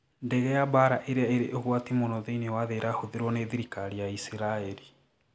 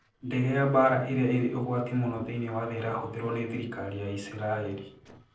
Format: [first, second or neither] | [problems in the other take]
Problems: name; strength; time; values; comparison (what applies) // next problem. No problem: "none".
first | noise reduction (neural separator model SepFormer DNS4)